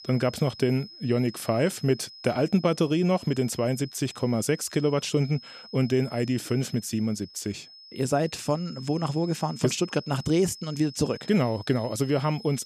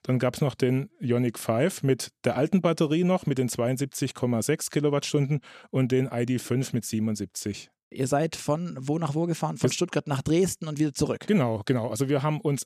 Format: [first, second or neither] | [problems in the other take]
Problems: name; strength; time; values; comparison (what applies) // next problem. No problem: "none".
second | high-pitched whine; noticeable; throughout; 5 kHz, 15 dB below the speech